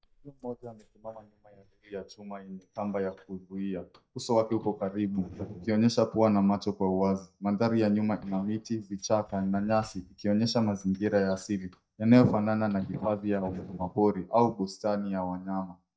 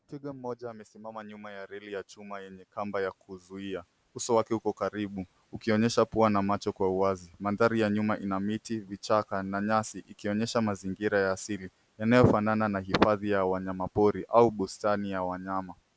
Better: second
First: noise reduction (neural mask model DeepFilterNet 3)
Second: none

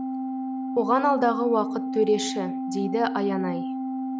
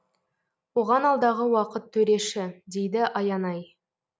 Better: second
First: background sound (Organ); 4 dB below the speech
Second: none

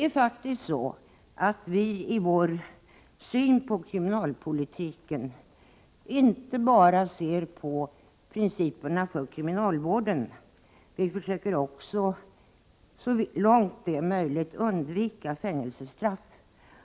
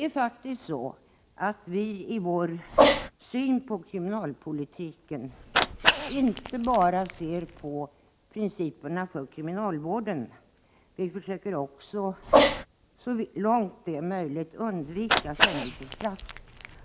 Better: first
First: none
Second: background sound (Cat); as loud as the speech

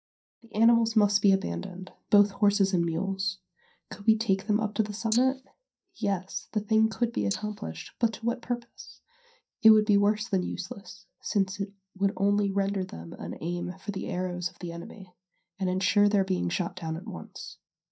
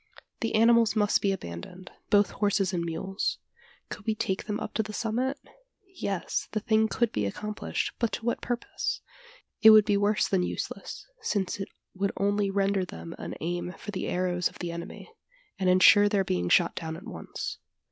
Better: second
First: noise reduction (neural mask model DeepFilterNet 3)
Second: none

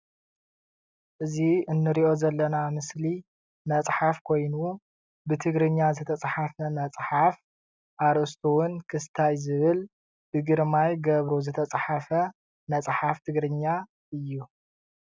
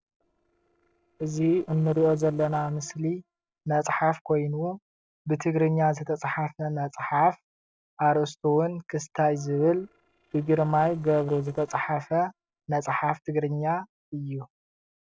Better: first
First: none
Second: noise reduction (neural separator model SepFormer DNS4)

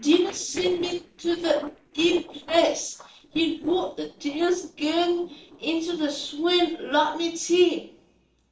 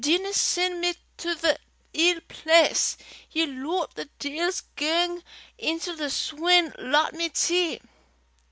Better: second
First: noise reduction (neural separator model SepFormer DNS4)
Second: none

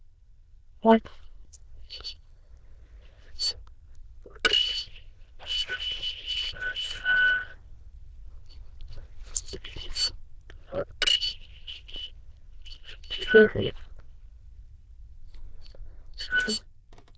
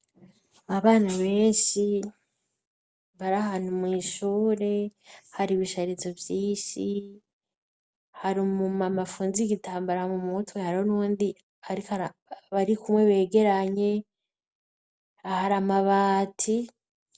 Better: second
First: noise reduction (neural diffusion model UNIVERSE++)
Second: none

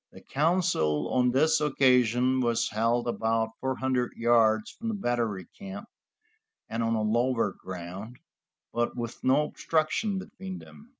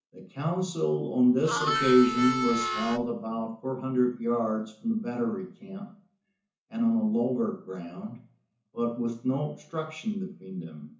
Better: first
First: none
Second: background sound (Harmonica); 1 dB below the speech // room echo; dies away in 0.6 s

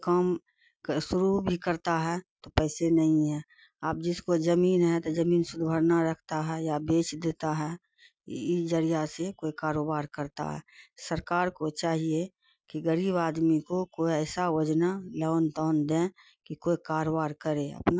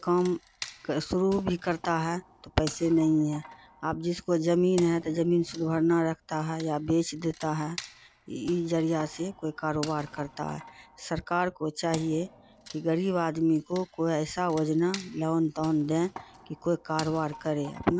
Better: first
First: none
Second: background sound (Wood); 19 dB below the speech

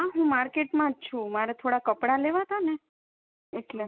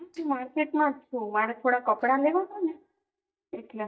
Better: first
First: none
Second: noise reduction (neural mask model DeepFilterNet 3)

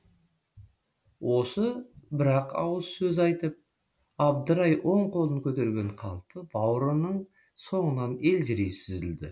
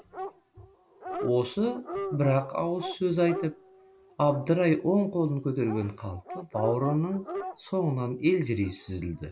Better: first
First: none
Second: background sound (Dog); 12 dB below the speech

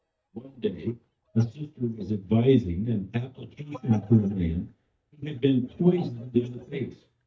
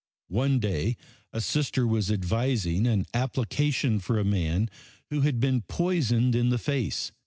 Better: second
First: noise reduction (neural mask model DeepFilterNet 3)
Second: none

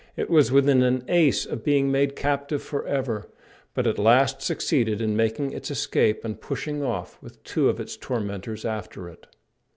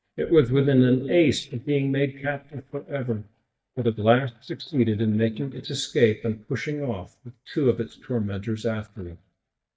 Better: first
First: none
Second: noise reduction (neural mask model DeepFilterNet 3)

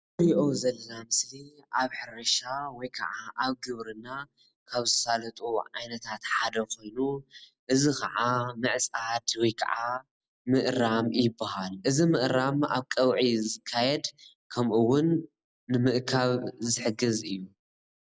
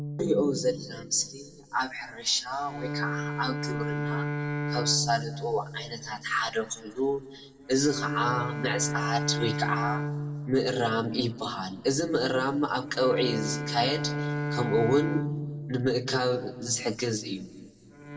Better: first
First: none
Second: background sound (Bowed string instrument); 5 dB below the speech // room echo; dies away in 1.2 s

